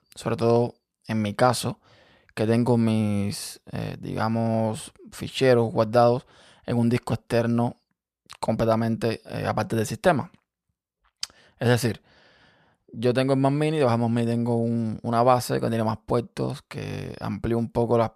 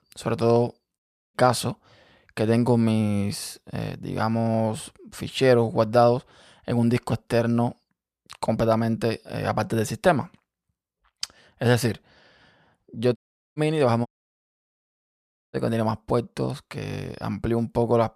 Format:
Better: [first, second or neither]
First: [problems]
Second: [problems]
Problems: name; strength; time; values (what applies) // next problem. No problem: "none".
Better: first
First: none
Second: audio cutting out; at 1 s, at 13 s and at 14 s for 1.5 s